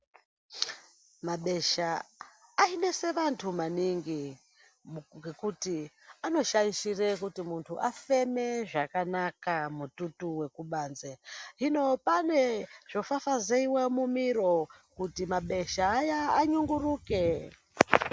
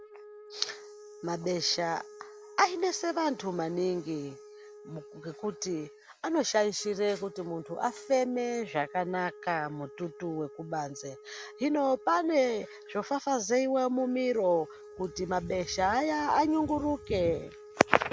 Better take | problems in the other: first | background sound (Wind instrument, woodwind instrument); 19 dB below the speech

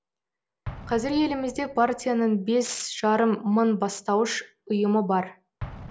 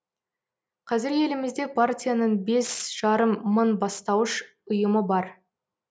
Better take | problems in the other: second | background sound (Explosion); 19 dB below the speech

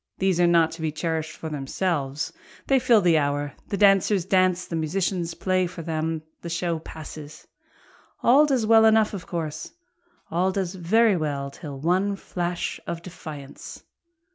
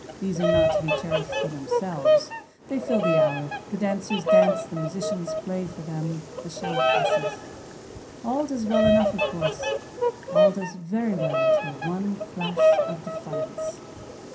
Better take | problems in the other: first | background sound (Bird vocalization, bird call, bird song); 5 dB above the speech // room echo; dies away in 0.3 s

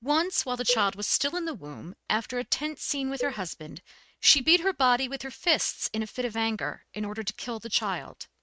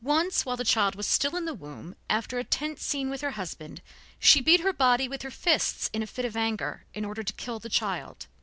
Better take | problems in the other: second | noise reduction (neural mask model RNNoise)

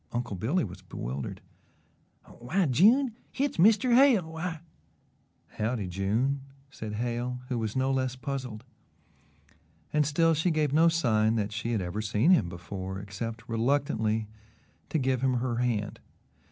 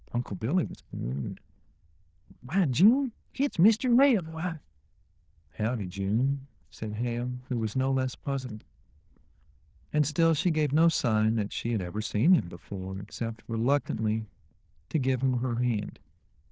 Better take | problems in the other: first | noise reduction (neural diffusion model UNIVERSE++)

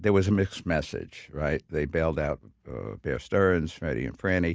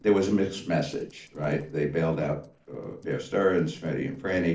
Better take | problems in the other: first | noise reduction (neural separator model SepFormer DNS4)

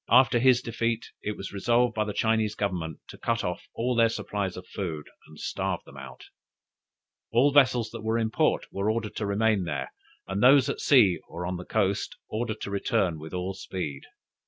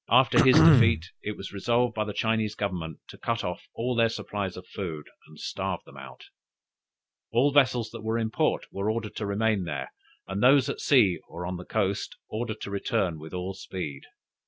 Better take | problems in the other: first | background sound (Cough); 4 dB above the speech

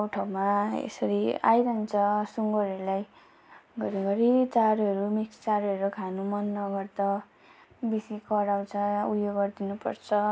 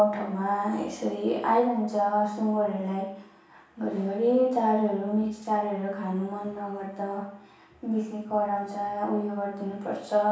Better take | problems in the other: first | room echo; dies away in 0.6 s

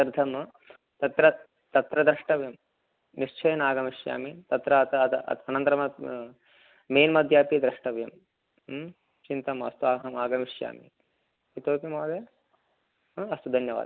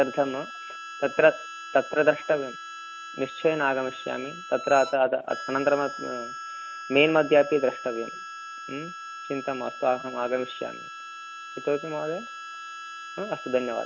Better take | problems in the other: first | background sound (Harmonica); 12 dB below the speech

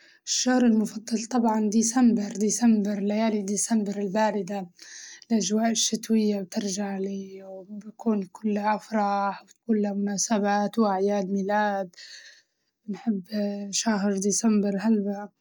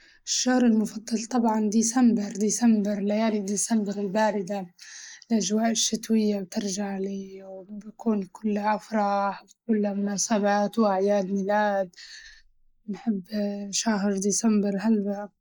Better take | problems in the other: first | noise reduction (neural mask model Resemble Enhance denoiser)

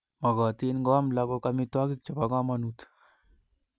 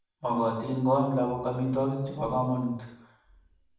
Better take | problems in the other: first | room echo; dies away in 0.7 s

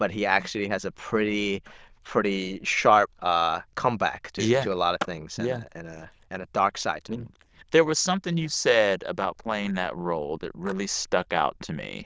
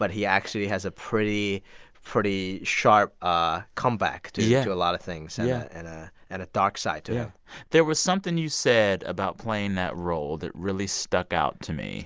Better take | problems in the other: second | noise reduction (neural diffusion model UNIVERSE++)

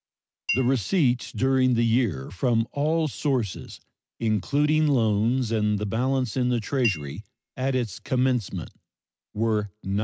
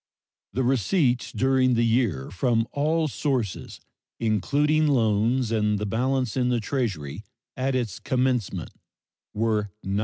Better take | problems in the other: second | background sound (Chink, clink); 11 dB below the speech

